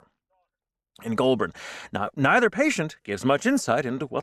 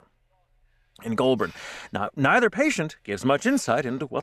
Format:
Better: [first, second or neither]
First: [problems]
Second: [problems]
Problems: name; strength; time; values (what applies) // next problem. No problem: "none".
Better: first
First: none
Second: hiss; faint; throughout; 30 dB below the speech